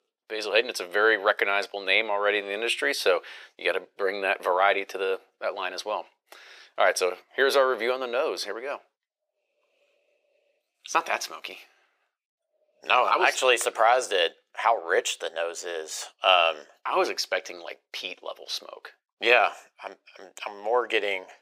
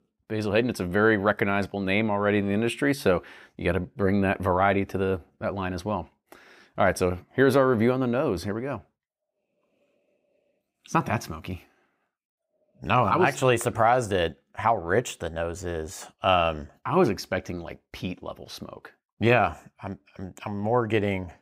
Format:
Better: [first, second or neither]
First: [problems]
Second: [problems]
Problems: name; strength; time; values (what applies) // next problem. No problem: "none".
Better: second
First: thin; very; fading below 450 Hz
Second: none